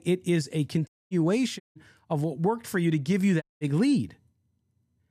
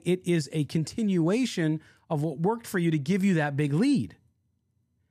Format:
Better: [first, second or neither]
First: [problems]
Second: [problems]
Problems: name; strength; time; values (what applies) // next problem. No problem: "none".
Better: second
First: audio cutting out; at 1 s, at 1.5 s and at 3.5 s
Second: none